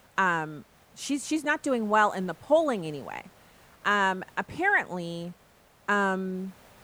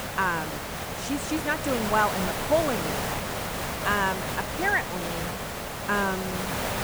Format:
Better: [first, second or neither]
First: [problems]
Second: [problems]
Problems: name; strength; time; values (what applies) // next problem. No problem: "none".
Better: first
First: hiss; faint; throughout; 30 dB below the speech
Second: hiss; loud; throughout; 2 dB below the speech